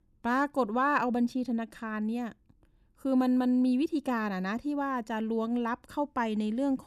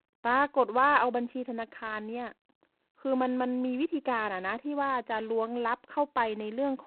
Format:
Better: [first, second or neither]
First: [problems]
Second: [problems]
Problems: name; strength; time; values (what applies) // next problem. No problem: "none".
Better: first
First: none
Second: phone-call audio; poor line; nothing above 4 kHz